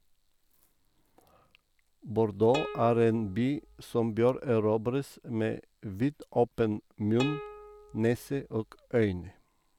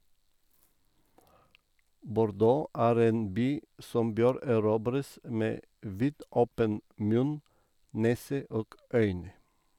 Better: second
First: background sound (Plucked string instrument); 13 dB below the speech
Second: none

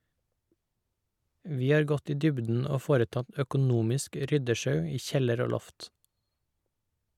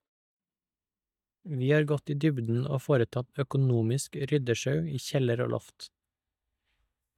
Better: first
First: none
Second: noise reduction (neural mask model DeepFilterNet 3)

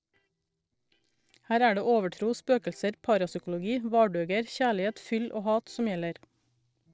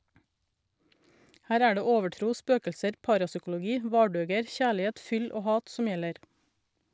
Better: second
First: noise reduction (neural separator model SepFormer DNS4)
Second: none

